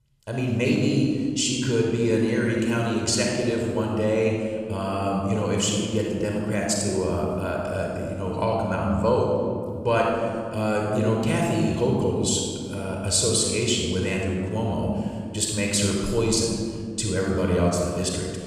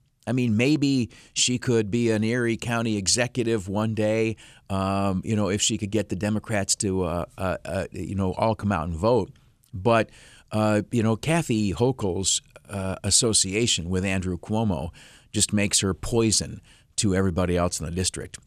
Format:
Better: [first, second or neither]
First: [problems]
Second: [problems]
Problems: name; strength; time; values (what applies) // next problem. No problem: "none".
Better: second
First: off-mic speech; somewhat distant // room echo; noticeable; dies away in 1.9 s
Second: none